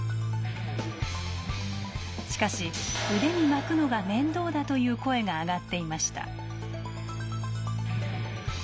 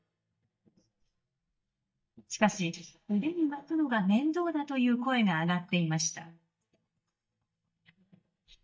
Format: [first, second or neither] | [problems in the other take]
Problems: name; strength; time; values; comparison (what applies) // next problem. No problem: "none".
first | noise reduction (neural mask model DeepFilterNet 3)